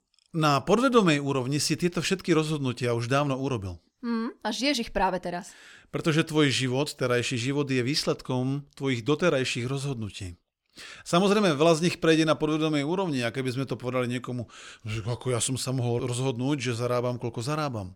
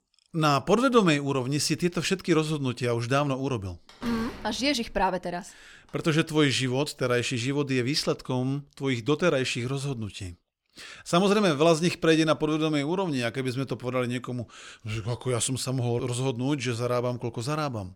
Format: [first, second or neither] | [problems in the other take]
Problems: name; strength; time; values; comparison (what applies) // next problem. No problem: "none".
first | door banging; faint; from 4 to 6 s; peak 10 dB below the speech